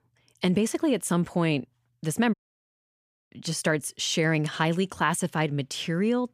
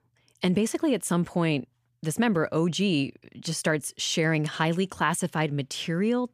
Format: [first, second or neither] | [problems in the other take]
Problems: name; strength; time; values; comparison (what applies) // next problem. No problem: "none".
second | audio cutting out; at 2.5 s for 1 s